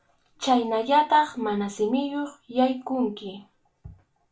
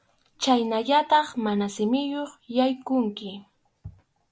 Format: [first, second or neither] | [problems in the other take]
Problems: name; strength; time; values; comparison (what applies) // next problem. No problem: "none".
second | room echo; dies away in 0.2 s